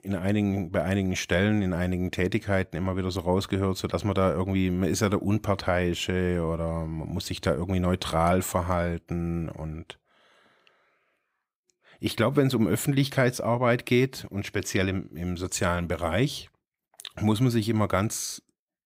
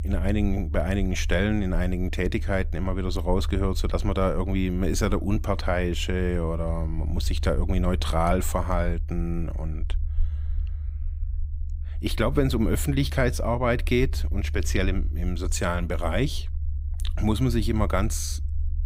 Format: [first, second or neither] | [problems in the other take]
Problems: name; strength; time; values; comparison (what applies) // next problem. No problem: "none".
first | low rumble; faint; throughout; 20 dB below the speech